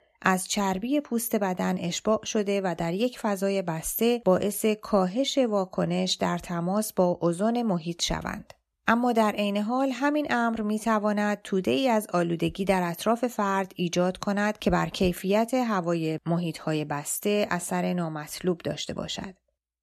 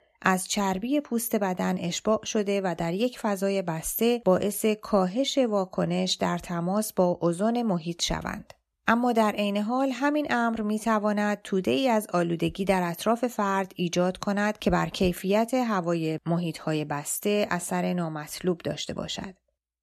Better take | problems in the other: neither | none

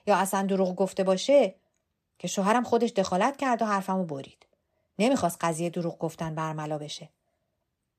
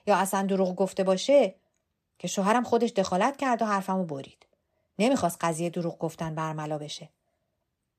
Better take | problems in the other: neither | none

